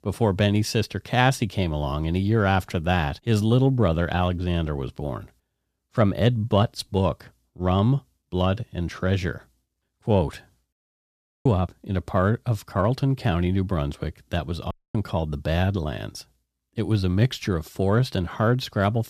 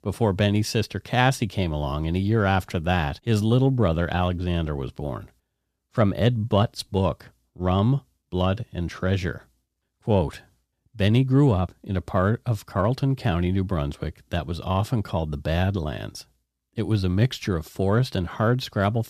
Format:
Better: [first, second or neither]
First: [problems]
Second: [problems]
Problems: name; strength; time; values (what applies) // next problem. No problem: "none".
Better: second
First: audio cutting out; at 11 s for 0.5 s and at 15 s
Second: none